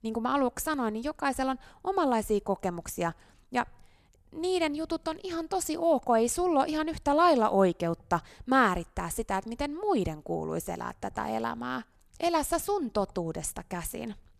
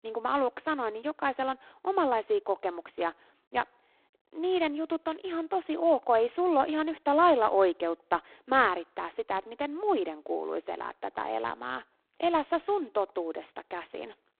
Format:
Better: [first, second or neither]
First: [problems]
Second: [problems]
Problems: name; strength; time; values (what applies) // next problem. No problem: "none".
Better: first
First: none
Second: phone-call audio; poor line; nothing above 3.5 kHz